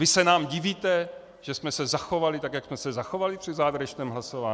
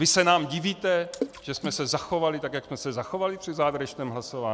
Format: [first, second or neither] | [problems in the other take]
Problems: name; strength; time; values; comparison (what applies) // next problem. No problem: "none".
first | background sound (Water / Splash, splatter); 14 dB below the speech